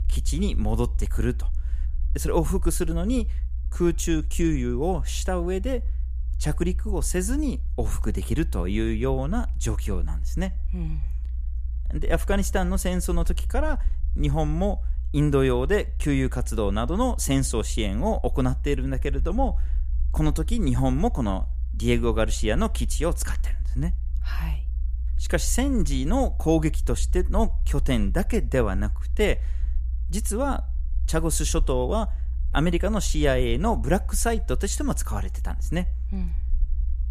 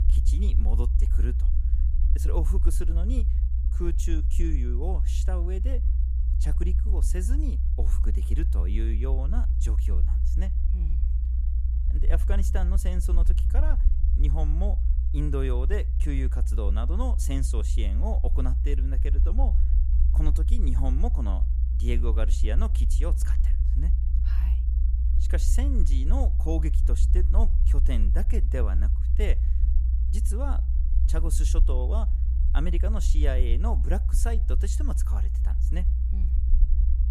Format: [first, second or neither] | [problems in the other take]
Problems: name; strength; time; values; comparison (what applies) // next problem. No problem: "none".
first | low rumble; loud; throughout; 7 dB below the speech; faint in the first